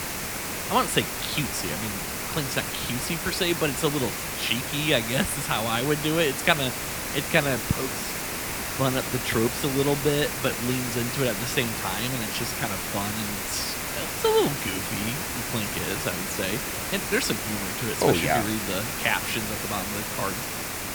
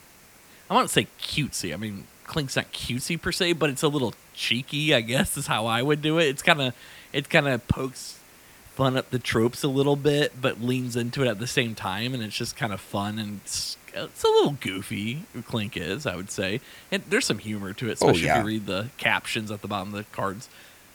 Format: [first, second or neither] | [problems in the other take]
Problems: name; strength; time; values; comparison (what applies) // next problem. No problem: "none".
second | hiss; loud; throughout; 2 dB below the speech; faint in the second